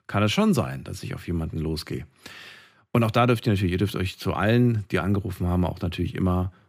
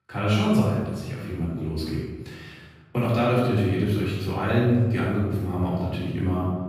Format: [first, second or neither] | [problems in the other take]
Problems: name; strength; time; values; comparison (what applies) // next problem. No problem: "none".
first | off-mic speech; far // room echo; strong; dies away in 1.2 s